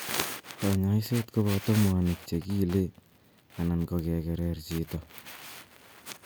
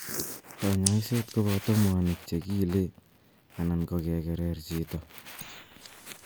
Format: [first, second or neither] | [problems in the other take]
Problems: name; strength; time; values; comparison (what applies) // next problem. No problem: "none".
first | noise reduction (neural mask model Resemble Enhance denoiser)